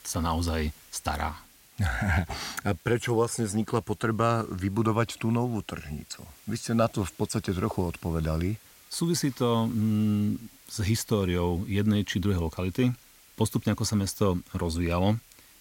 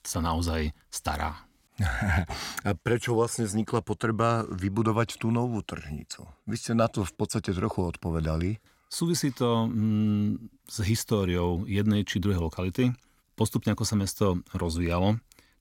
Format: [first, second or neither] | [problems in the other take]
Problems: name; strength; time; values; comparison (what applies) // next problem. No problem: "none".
second | hiss; faint; throughout; 25 dB below the speech